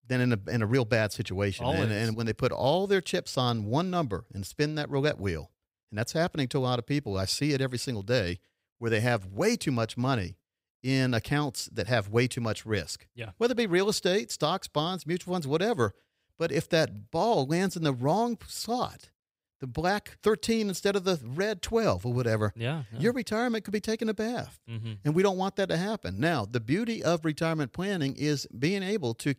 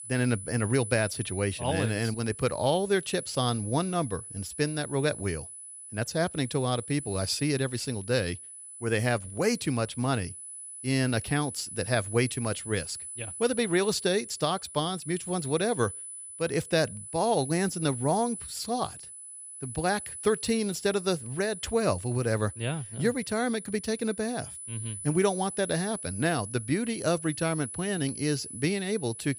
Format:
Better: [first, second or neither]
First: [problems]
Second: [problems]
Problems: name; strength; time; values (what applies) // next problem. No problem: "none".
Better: first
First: none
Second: high-pitched whine; loud; throughout; 10 kHz, 10 dB below the speech